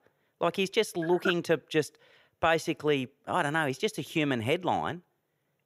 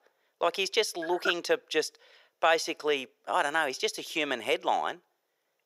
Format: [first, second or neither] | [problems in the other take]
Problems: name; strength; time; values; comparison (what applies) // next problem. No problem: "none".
first | thin; somewhat; fading below 550 Hz